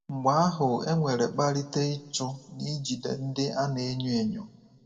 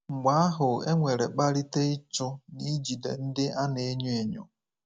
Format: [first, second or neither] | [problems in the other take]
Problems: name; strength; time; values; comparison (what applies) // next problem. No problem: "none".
second | room echo; dies away in 1 s